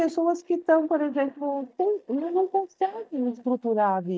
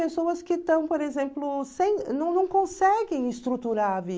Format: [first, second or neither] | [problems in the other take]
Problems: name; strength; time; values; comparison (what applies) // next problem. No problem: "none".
second | noise reduction (neural mask model DeepFilterNet 3)